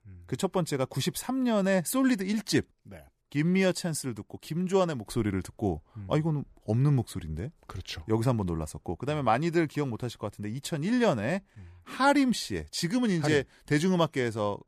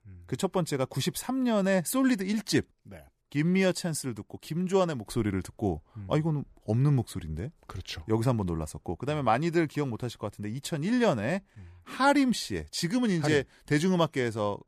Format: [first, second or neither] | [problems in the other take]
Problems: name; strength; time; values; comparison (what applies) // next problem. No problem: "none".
neither | none